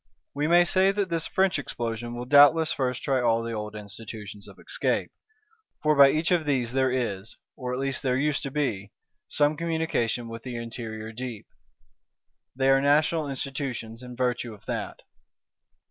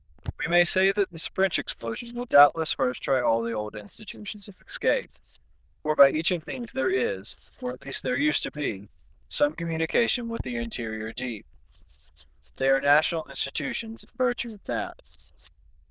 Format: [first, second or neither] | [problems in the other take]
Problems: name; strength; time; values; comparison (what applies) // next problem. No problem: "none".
first | noise reduction (neural diffusion model UNIVERSE++)